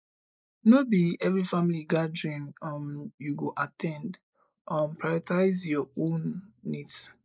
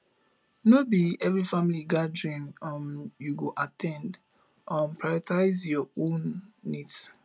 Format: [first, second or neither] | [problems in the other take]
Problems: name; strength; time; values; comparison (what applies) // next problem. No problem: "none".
second | noise reduction (neural mask model Resemble Enhance denoiser)